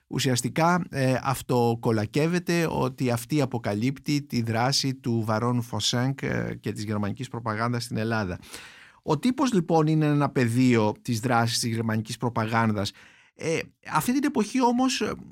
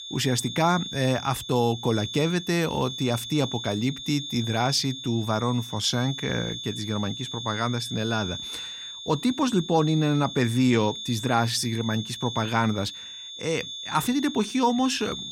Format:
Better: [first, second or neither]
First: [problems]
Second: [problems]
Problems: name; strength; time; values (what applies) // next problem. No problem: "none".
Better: first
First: none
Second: high-pitched whine; loud; throughout; 3.5 kHz, 9 dB below the speech